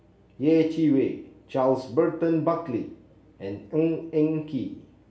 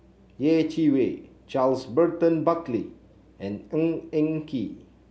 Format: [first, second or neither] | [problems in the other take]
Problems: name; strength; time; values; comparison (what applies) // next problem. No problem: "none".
second | room echo; dies away in 0.5 s